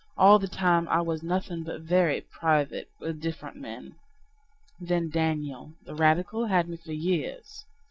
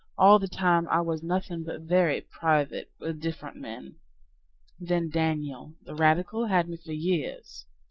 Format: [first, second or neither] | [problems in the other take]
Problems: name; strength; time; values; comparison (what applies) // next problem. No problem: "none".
first | noise reduction (neural mask model Resemble Enhance denoiser)